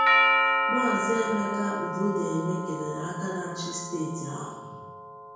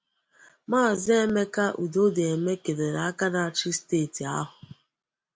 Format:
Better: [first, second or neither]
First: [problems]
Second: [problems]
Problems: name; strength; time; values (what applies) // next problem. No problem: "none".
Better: second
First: background sound (Doorbell); 3 dB above the speech // room echo; dies away in 1 s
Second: none